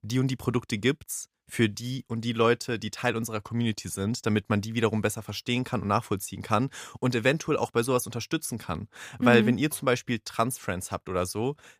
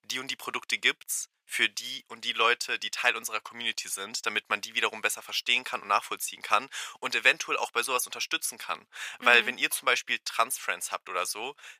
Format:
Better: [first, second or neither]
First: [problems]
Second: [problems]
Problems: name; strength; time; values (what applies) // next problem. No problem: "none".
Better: first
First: none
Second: thin; very; fading below 900 Hz